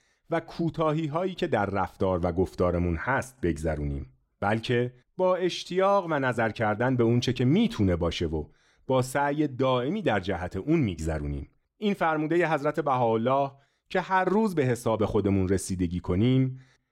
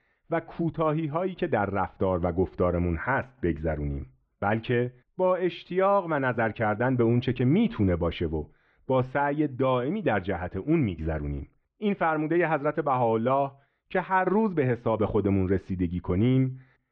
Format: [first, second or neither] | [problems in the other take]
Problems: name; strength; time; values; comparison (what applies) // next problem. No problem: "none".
first | muffled; very; fading above 3 kHz